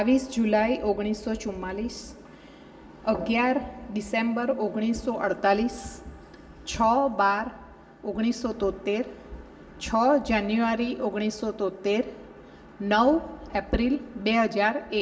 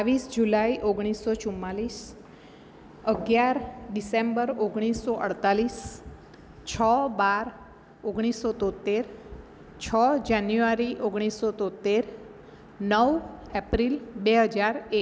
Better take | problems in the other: second | room echo; dies away in 0.4 s

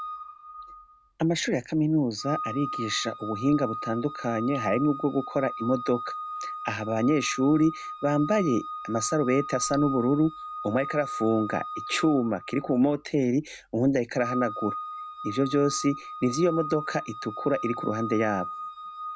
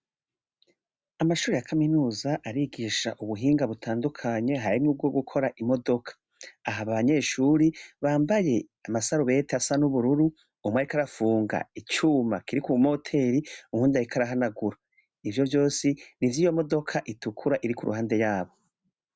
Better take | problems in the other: second | background sound (Organ); 9 dB below the speech

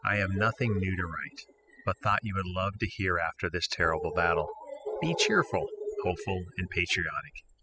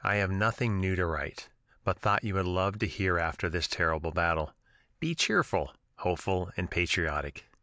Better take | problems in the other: second | noise reduction (classical method spectral subtraction)

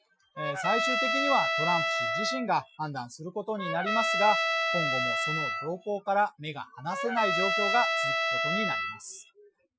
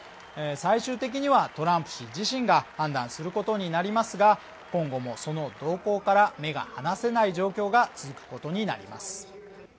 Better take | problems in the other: second | noise reduction (classical method Wiener filter)

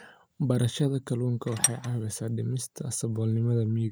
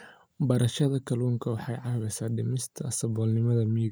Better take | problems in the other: second | background sound (Tools); 4 dB below the speech

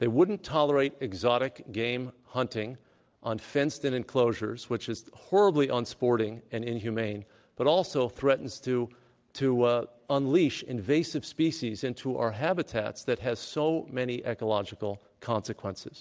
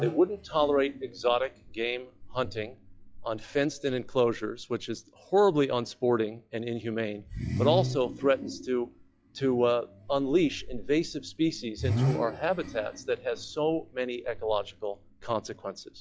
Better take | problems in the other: first | noise reduction (classical method log-MMSE)

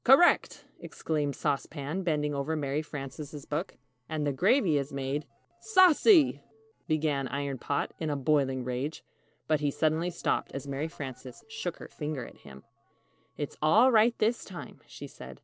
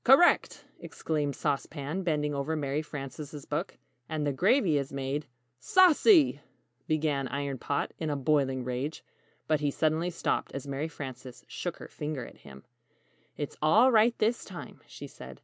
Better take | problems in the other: second | noise reduction (neural separator model SepFormer DNS4)

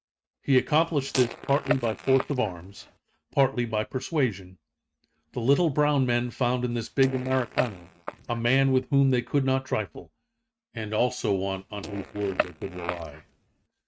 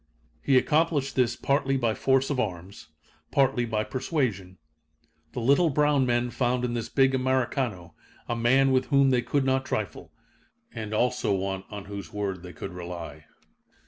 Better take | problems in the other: second | noise reduction (neural mask model RNNoise)

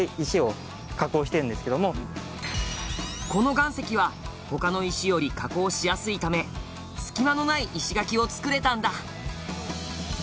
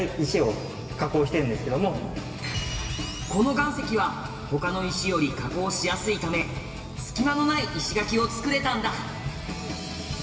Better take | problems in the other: first | room echo; dies away in 2.3 s

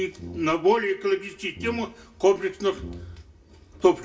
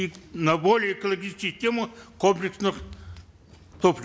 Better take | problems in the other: second | background sound (Brass instrument); 18 dB below the speech // room echo; dies away in 0.2 s

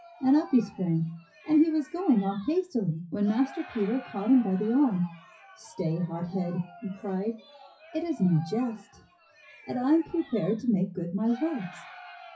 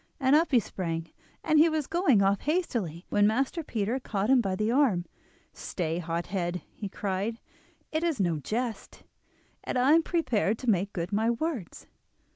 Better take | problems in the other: second | noise reduction (classical method WPE with log-MMSE)

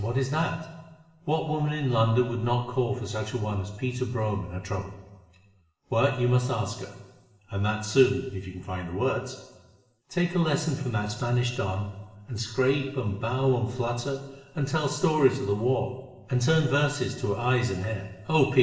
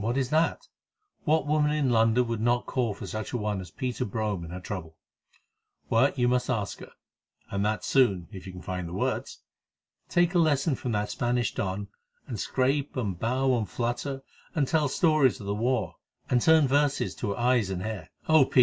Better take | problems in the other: second | room echo; dies away in 1.2 s

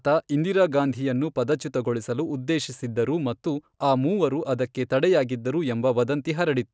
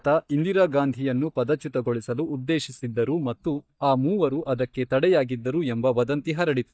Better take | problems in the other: first | noise reduction (neural mask model DeepFilterNet 3)

